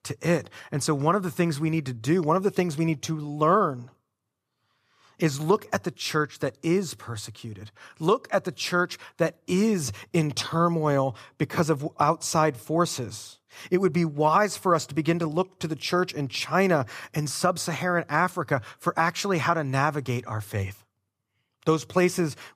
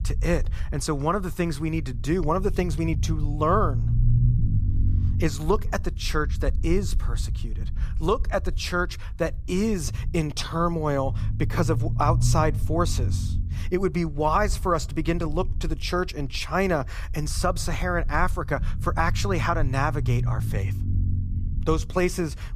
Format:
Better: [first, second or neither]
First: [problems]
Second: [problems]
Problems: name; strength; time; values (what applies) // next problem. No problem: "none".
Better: first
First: none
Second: low rumble; noticeable; throughout; 15 dB below the speech